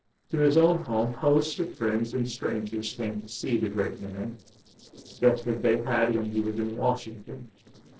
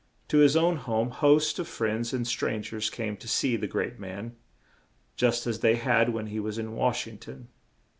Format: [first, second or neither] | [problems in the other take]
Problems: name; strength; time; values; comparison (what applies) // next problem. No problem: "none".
second | noise reduction (neural separator model SepFormer DNS4)